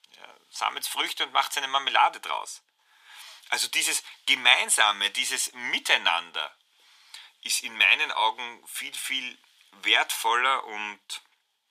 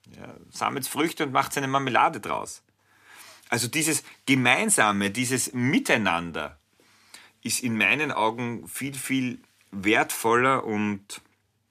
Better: second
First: thin; very; fading below 800 Hz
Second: none

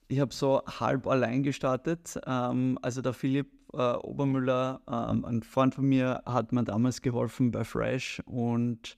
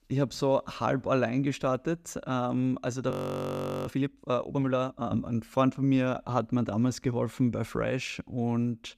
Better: first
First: none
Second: audio freezing; at 3 s for 1 s

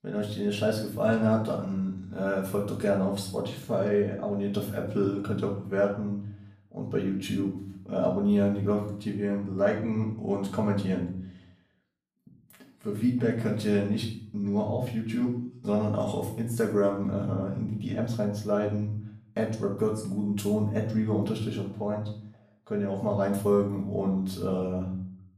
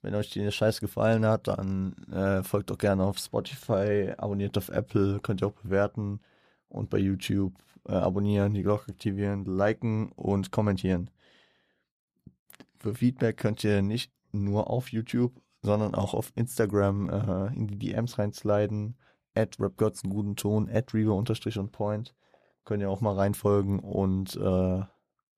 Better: second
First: off-mic speech; far // room echo; noticeable; dies away in 0.5 s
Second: none

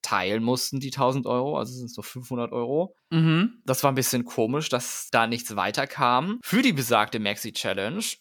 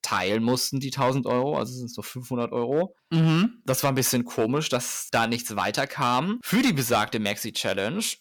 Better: first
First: none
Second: distortion; slight; 4% of the sound clipped

